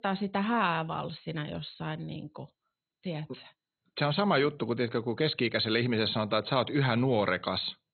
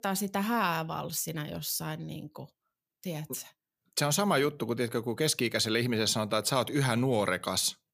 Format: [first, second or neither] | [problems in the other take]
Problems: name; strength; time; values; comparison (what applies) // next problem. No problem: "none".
second | garbled, watery; badly; nothing above 4 kHz